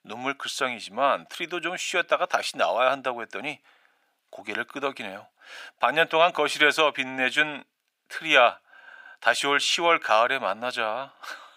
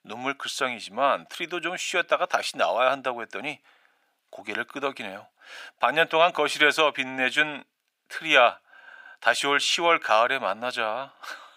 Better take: neither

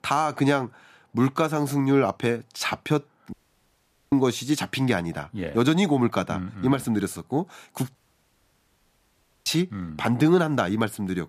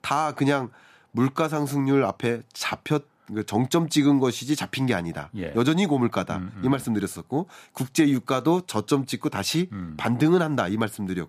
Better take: second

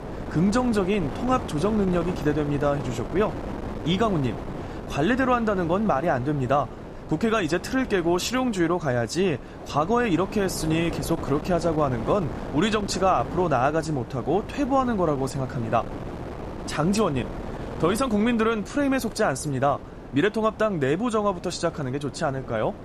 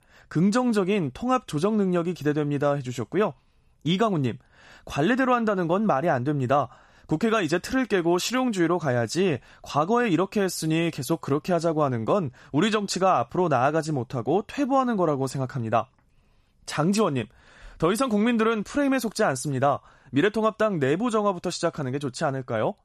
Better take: second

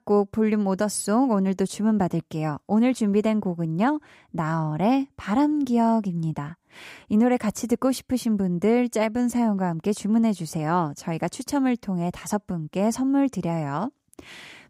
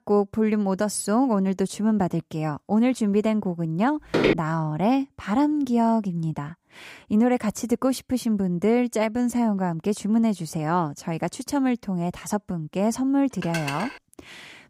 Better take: first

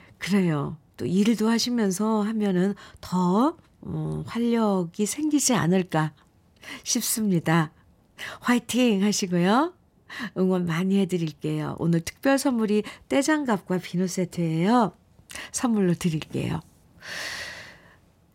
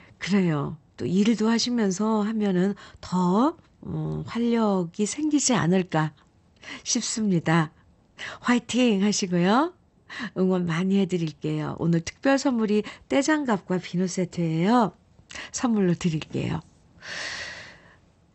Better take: first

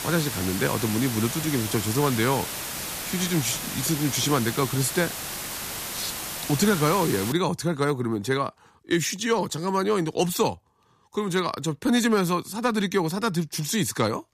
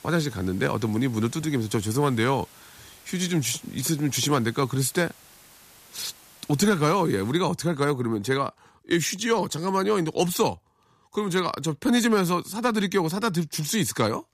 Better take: second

